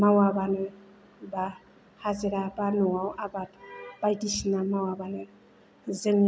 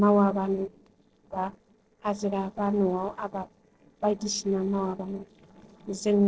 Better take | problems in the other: first | noise reduction (neural separator model SepFormer DNS4)

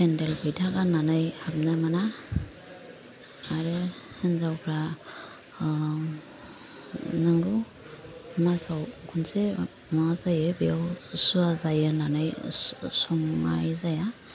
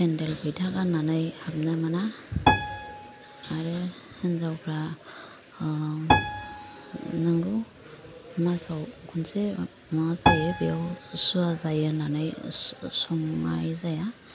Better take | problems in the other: first | background sound (Piano); 2 dB below the speech

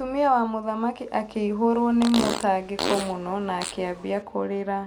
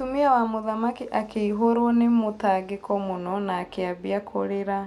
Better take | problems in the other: second | background sound (Fart); 7 dB below the speech

